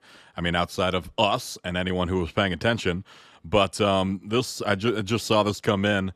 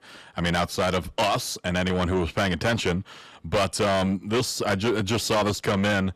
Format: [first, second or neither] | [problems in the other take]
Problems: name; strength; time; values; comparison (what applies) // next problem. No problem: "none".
first | distortion; heavy; 7 dB below the speech